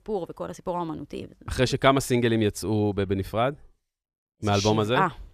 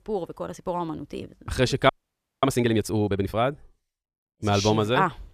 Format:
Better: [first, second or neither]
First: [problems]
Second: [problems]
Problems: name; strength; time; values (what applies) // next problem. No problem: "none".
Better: first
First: none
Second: audio freezing; at 2 s for 0.5 s